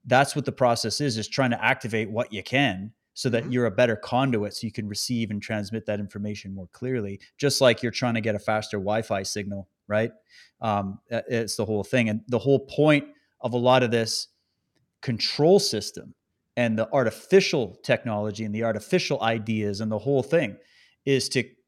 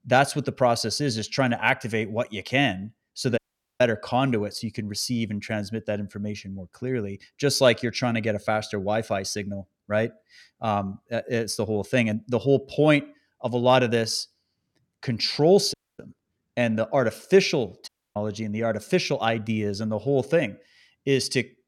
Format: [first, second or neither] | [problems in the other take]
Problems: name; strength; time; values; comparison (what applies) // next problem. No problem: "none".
first | audio cutting out; at 3.5 s, at 16 s and at 18 s